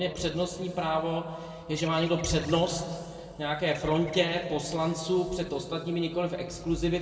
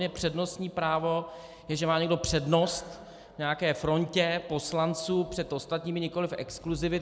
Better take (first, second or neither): second